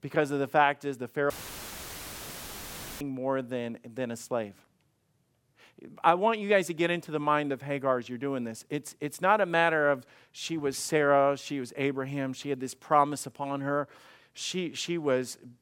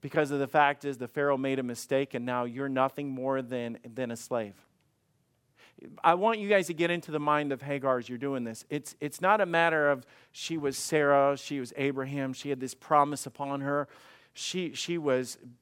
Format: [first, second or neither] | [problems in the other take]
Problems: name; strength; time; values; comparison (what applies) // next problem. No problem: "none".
second | audio cutting out; filled with static; at 1.5 s for 1.5 s